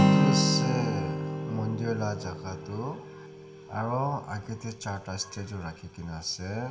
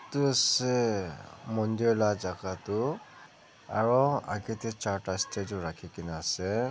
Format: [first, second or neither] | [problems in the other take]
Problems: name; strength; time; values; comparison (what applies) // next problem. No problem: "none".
second | background sound (Acoustic guitar); 3 dB above the speech // room echo; dies away in 0.8 s